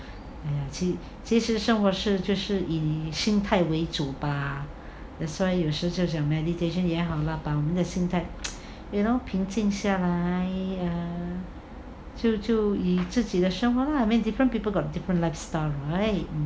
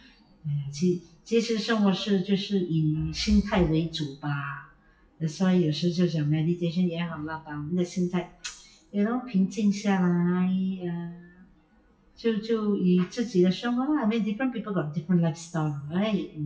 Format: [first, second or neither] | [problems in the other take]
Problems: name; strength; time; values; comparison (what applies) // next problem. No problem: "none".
first | noise reduction (classical method WPE with log-MMSE)